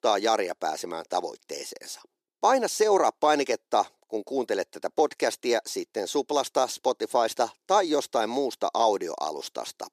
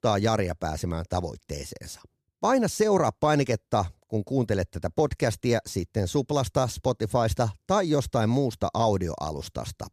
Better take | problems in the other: second | thin; somewhat; fading below 350 Hz

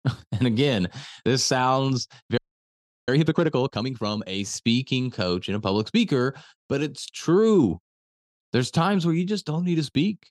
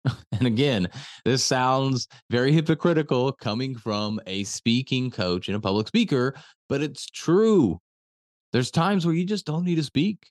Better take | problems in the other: second | audio freezing; at 2.5 s for 0.5 s

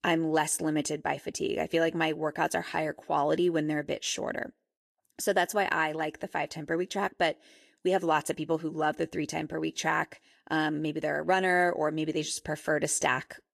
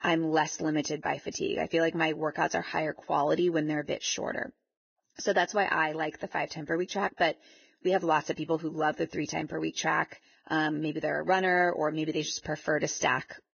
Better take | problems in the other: first | garbled, watery; badly; nothing above 6.5 kHz; slightly in the first

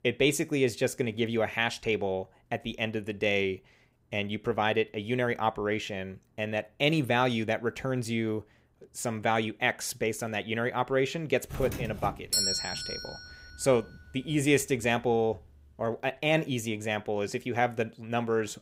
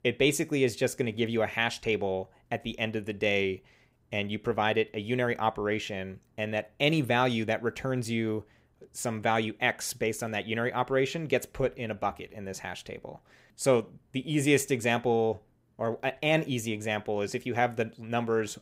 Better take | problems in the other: second | doorbell; loud; from 12 to 14 s; peak 4 dB above the speech

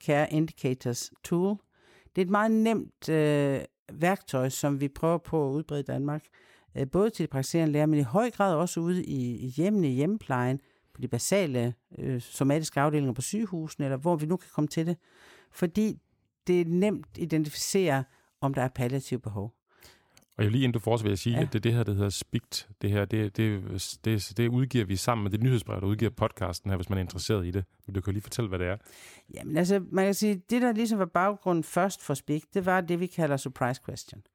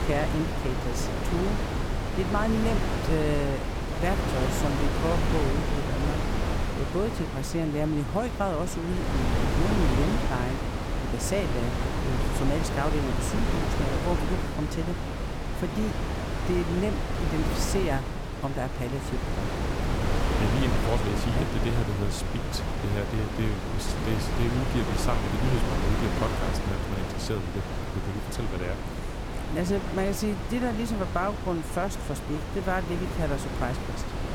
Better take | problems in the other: first | wind noise on the microphone; heavy; as loud as the speech

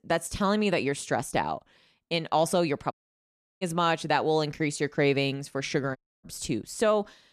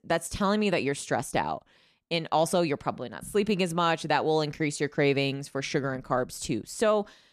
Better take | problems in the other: second | audio cutting out; at 3 s for 0.5 s and at 6 s

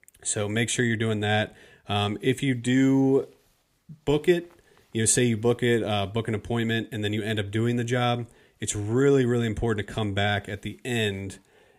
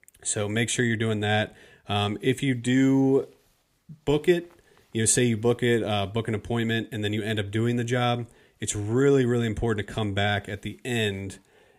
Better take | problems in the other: neither | none

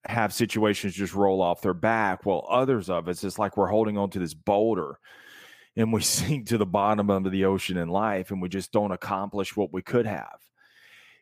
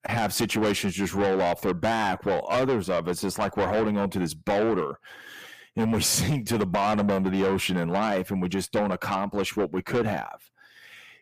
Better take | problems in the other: first | distortion; heavy; 6 dB below the speech

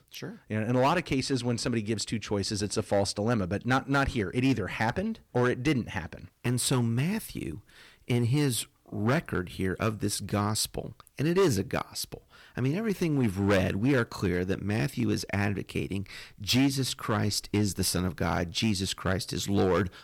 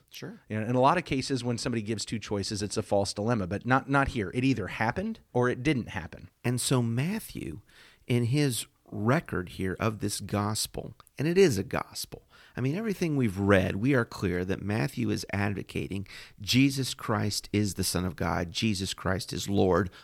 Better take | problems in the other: second | distortion; slight; 4% of the sound clipped

